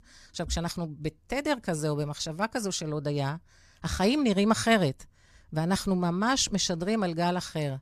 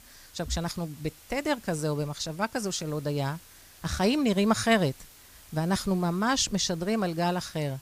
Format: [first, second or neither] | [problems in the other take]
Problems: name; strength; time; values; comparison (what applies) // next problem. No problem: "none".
first | hiss; faint; throughout; 20 dB below the speech